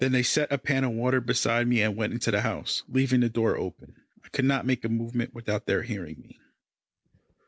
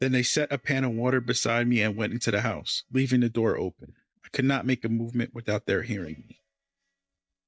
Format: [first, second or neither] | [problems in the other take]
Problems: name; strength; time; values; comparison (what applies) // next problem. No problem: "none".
first | noise reduction (neural mask model DeepFilterNet 3)